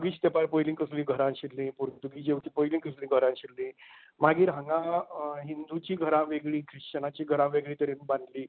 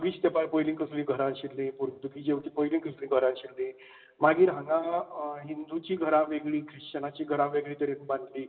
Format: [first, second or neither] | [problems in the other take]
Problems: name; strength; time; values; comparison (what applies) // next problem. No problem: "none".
first | room echo; dies away in 0.6 s